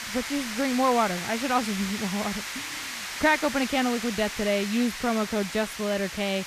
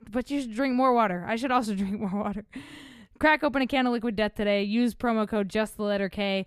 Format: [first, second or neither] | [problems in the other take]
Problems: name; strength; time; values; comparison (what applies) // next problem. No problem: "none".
second | hiss; loud; throughout; 6 dB below the speech